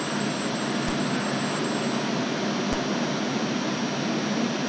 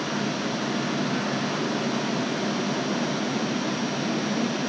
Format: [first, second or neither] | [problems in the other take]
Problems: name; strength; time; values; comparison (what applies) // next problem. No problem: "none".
second | background sound (Fireworks + Telephone); 17 dB below the speech